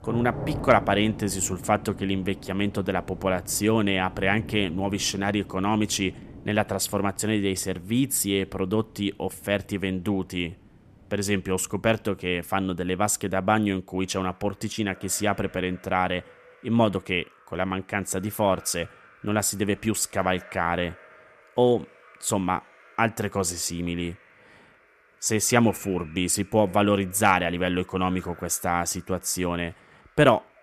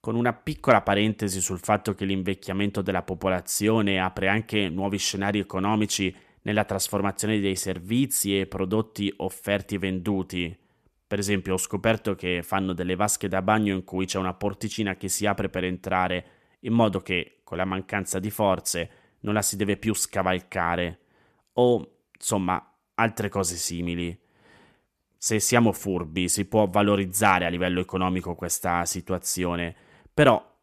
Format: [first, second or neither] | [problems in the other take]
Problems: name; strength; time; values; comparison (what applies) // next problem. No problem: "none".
second | rain or running water; noticeable; throughout; 20 dB below the speech